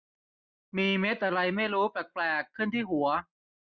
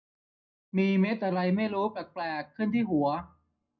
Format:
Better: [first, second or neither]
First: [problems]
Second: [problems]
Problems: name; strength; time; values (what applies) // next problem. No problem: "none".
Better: first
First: none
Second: room echo; dies away in 0.3 s